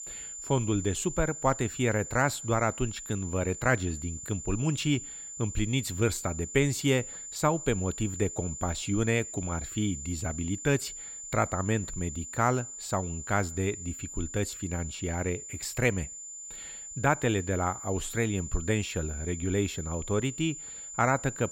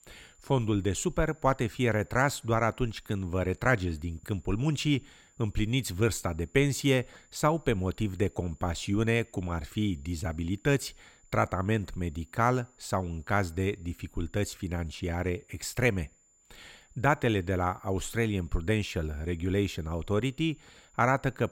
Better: second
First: high-pitched whine; loud; throughout; 7 kHz, 9 dB below the speech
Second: high-pitched whine; faint; throughout; 7 kHz, 30 dB below the speech

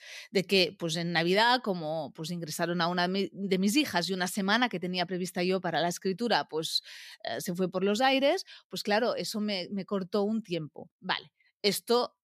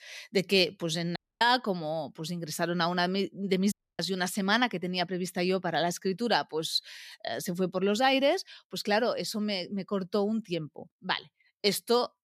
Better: first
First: none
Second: audio cutting out; at 1 s and at 3.5 s

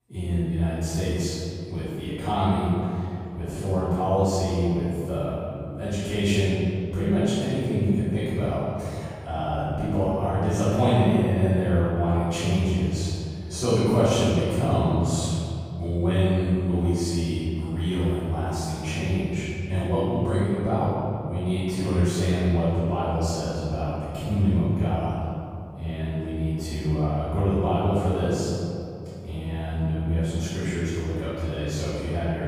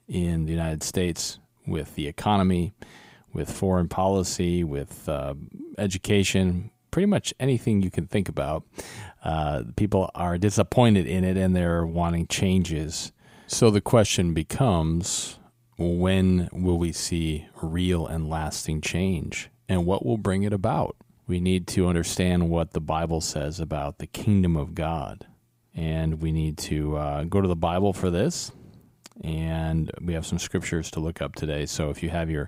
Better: second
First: off-mic speech; far // room echo; strong; dies away in 2.5 s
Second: none

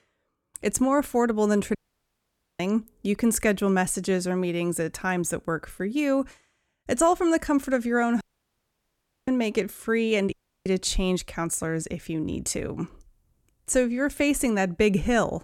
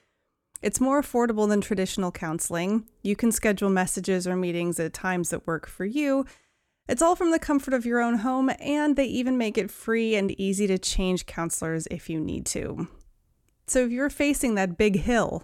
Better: second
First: audio cutting out; at 2 s for 1 s, at 8 s for 1 s and at 10 s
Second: none

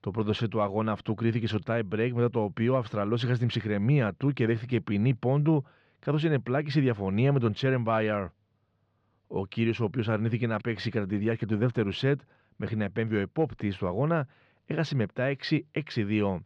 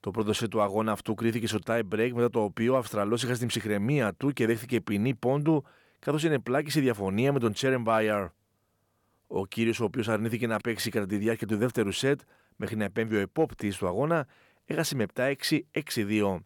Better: second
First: muffled; very slightly; fading above 4.5 kHz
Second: none

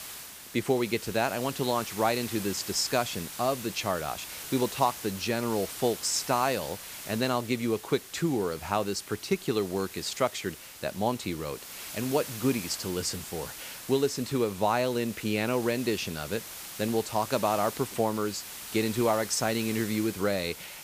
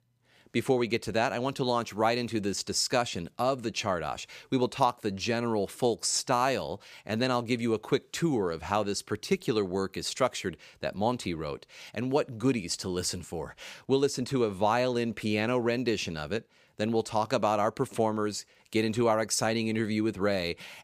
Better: second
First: hiss; noticeable; throughout; 10 dB below the speech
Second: none

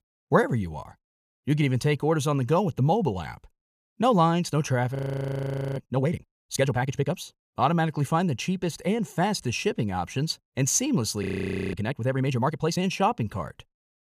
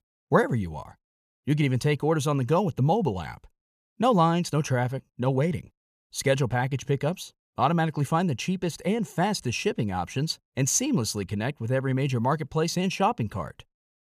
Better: second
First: audio freezing; at 5 s for 1 s and at 11 s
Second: none

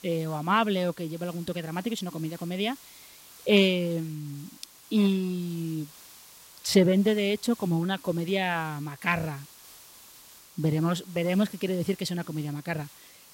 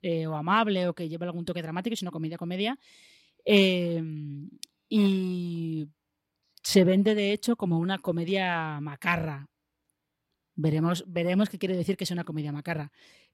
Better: second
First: hiss; faint; throughout; 20 dB below the speech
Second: none

